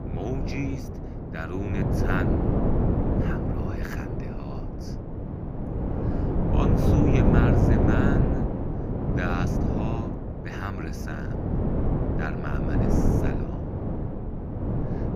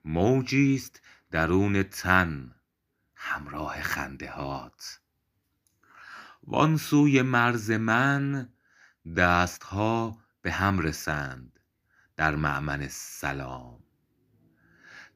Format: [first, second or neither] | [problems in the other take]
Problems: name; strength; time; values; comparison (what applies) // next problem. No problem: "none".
second | wind noise on the microphone; heavy; 3 dB above the speech